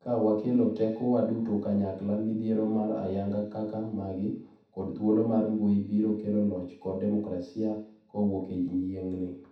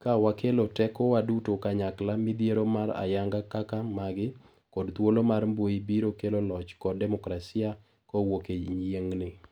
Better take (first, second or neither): second